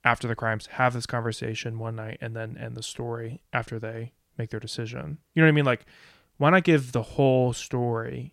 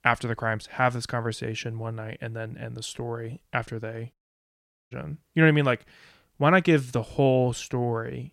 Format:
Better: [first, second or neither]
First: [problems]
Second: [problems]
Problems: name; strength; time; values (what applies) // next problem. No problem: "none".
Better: first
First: none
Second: audio cutting out; at 4 s for 1 s